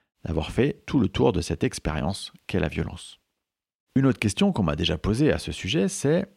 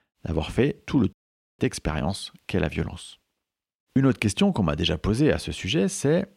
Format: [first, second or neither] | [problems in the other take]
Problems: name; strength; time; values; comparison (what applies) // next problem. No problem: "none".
first | audio cutting out; at 1 s